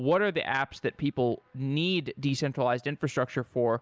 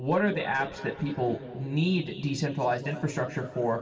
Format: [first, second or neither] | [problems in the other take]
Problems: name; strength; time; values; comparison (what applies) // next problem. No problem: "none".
first | room echo; dies away in 2.8 s